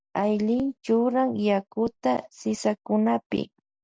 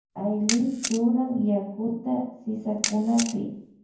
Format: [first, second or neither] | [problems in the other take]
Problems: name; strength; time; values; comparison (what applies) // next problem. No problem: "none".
first | background sound (Camera); 9 dB below the speech // room echo; dies away in 0.9 s